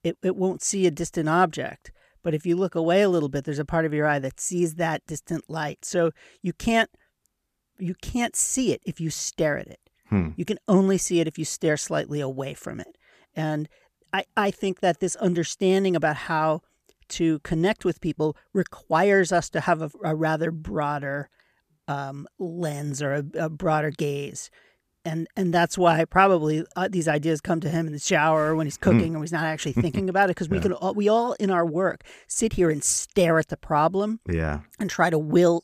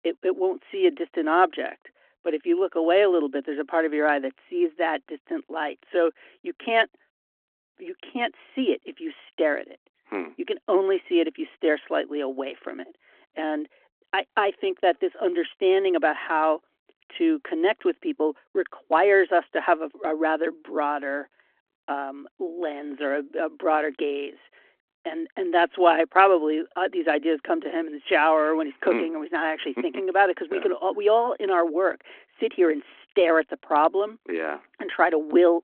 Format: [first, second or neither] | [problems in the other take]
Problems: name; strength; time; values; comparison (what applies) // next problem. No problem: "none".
first | phone-call audio